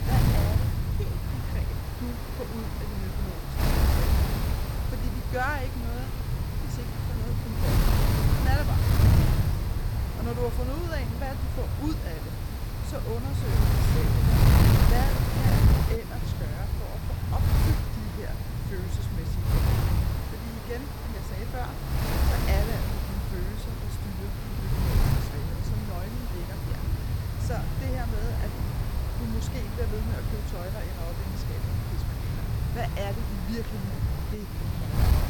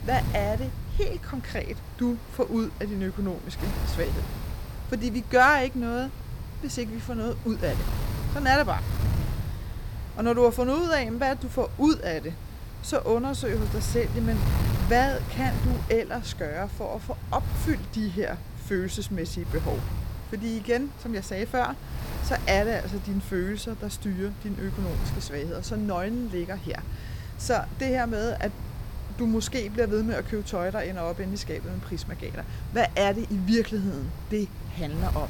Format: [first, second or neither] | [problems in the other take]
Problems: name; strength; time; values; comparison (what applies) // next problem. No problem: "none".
second | wind noise on the microphone; heavy; 3 dB above the speech; occasional gusts in the second